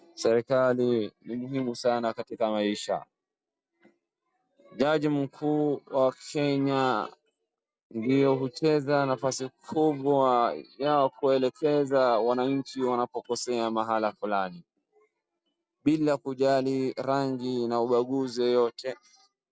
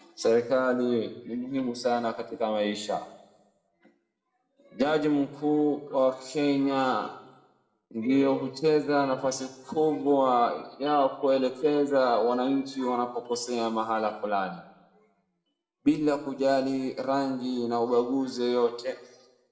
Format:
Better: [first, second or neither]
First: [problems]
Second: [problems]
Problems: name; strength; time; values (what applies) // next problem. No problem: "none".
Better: first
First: none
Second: room echo; dies away in 0.8 s